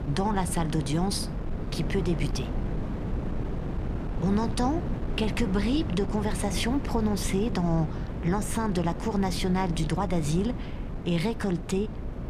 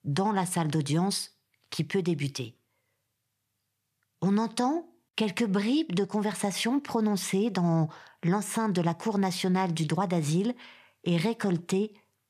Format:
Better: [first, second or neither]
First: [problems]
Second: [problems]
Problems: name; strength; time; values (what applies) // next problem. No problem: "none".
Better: second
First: wind noise on the microphone; heavy; 9 dB below the speech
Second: none